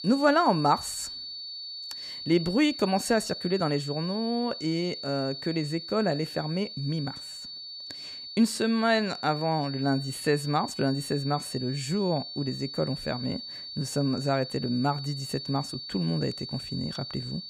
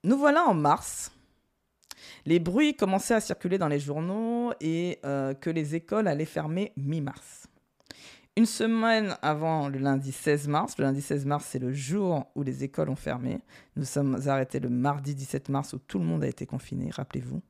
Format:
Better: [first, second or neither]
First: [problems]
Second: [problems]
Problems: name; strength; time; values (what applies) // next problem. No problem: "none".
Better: second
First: high-pitched whine; loud; throughout; 4.5 kHz, 8 dB below the speech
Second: none